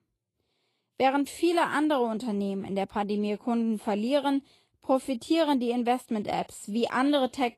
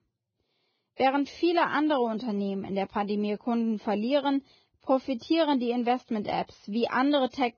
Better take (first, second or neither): first